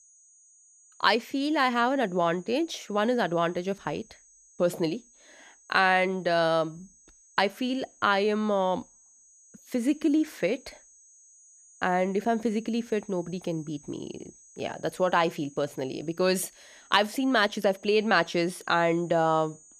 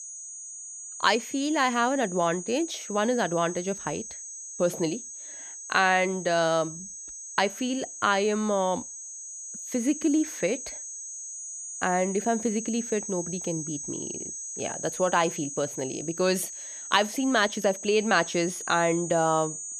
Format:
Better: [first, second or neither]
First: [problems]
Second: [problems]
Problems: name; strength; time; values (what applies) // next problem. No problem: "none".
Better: first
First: high-pitched whine; faint; throughout; 6.5 kHz, 25 dB below the speech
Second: high-pitched whine; loud; throughout; 6.5 kHz, 9 dB below the speech